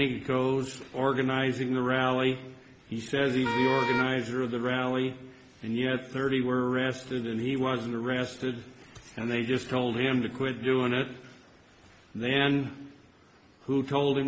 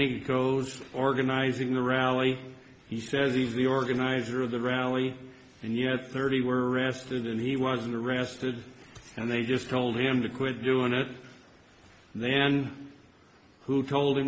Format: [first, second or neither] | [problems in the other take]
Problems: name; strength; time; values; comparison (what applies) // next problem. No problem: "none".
second | background sound (Wind instrument, woodwind instrument); 3 dB below the speech